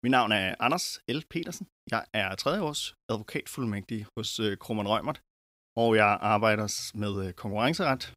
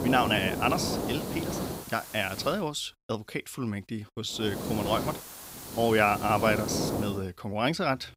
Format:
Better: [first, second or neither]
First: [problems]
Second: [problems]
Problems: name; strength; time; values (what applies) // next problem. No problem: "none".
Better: first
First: none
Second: hiss; loud; until 2.5 s and from 4.5 to 7 s; 5 dB below the speech